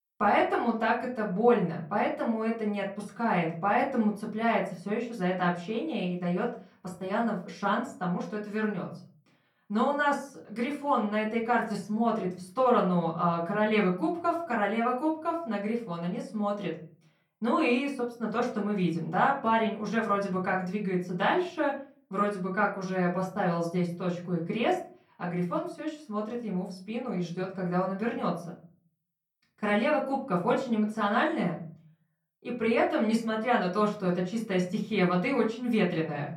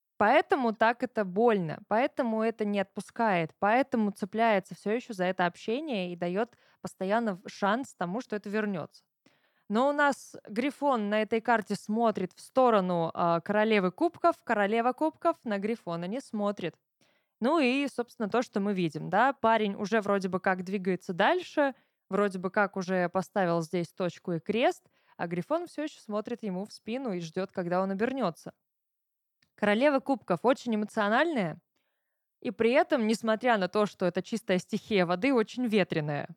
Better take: second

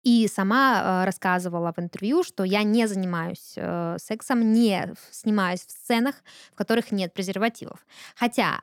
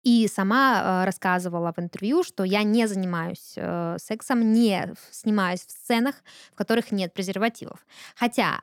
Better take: neither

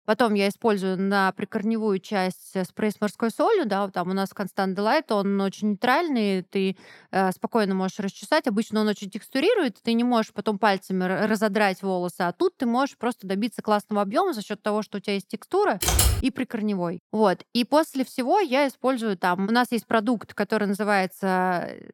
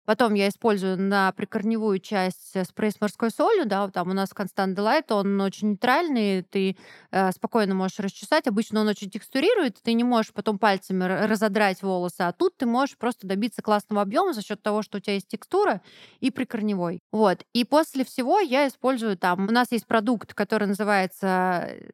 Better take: second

